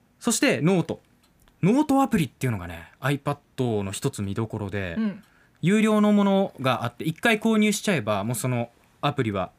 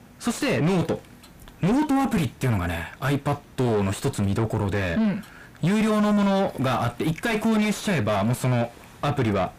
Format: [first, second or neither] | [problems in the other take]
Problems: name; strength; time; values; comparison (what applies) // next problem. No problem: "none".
first | distortion; heavy; 5 dB below the speech